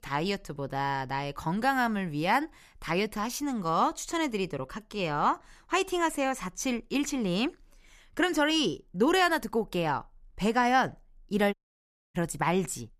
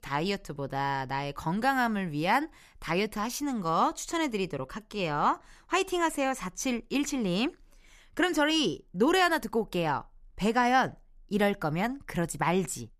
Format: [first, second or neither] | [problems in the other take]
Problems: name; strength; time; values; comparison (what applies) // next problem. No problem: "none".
second | audio cutting out; at 12 s for 0.5 s